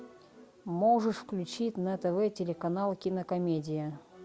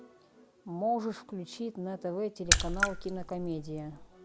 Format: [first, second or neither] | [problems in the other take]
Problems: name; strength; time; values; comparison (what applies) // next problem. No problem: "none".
first | background sound (Raindrop / Splash, splatter); 4 dB above the speech